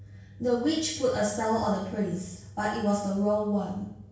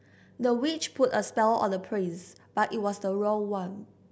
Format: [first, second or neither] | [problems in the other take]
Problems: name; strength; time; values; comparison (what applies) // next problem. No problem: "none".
second | room echo; dies away in 0.6 s